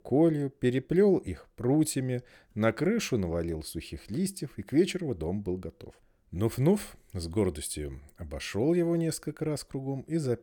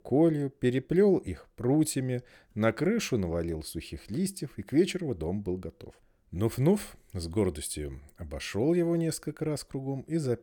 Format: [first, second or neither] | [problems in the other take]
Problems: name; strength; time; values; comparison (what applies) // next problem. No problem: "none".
neither | none